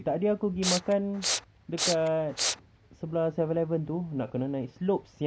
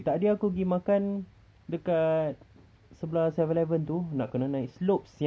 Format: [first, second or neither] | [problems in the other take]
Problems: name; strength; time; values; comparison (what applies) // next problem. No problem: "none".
second | background sound (Respiratory sounds); 2 dB below the speech